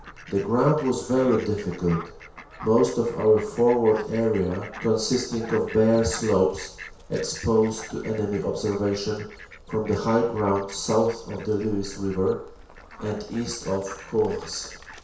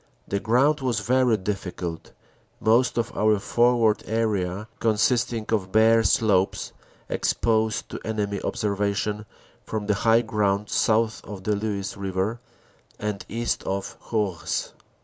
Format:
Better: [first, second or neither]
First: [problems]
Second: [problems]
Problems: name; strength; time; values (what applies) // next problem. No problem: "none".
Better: second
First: background sound (Fowl); 17 dB below the speech // room echo; dies away in 0.6 s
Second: none